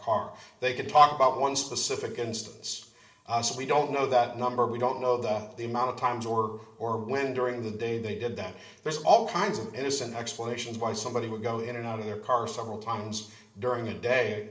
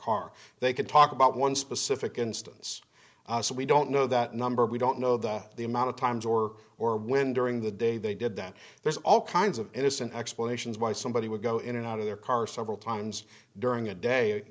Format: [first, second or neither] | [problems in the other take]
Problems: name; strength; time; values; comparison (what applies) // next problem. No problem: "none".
second | room echo; dies away in 0.9 s